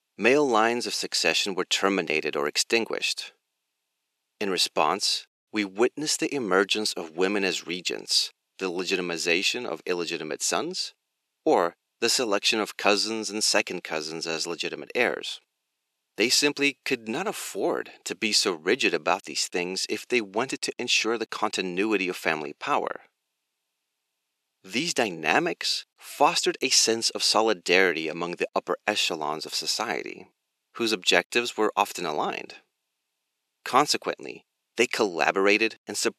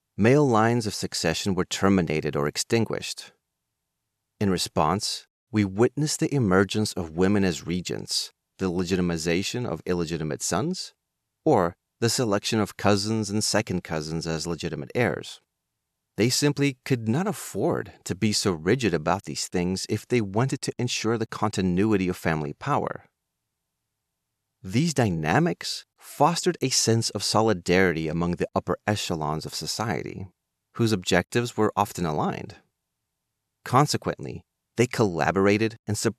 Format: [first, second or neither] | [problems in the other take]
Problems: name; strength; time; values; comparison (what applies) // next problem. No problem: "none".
second | thin; somewhat; fading below 300 Hz